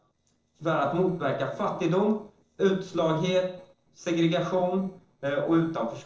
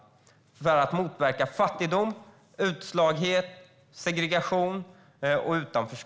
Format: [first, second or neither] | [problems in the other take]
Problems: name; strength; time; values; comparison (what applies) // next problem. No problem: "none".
second | noise reduction (neural separator model SepFormer DNS4)